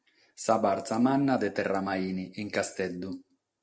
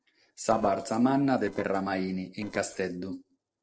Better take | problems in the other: first | noise reduction (neural separator model SepFormer DNS4)

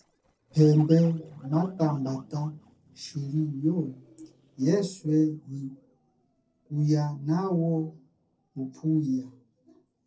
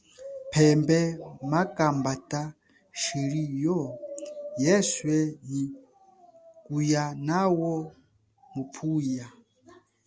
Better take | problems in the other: second | noise reduction (neural separator model SepFormer DNS4)

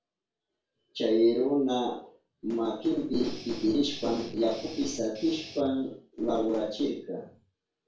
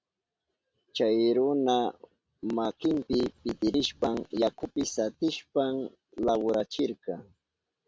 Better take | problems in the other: second | background sound (Guitar); 17 dB below the speech // room echo; dies away in 0.4 s

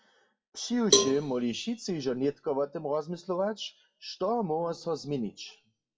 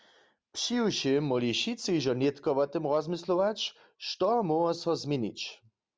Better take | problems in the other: second | noise reduction (classical method WPE with log-MMSE)

